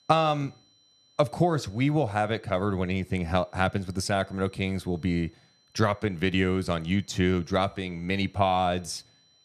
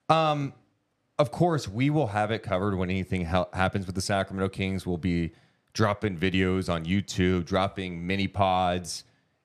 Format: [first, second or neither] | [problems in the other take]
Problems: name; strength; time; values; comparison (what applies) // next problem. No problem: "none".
second | high-pitched whine; faint; throughout; 4 kHz, 35 dB below the speech